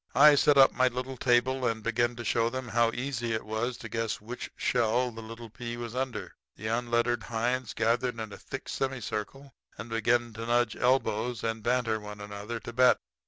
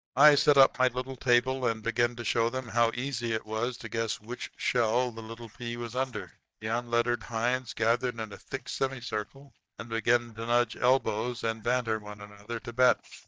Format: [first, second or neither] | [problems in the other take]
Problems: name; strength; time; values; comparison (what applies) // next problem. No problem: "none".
first | noise reduction (neural mask model DeepFilterNet 3)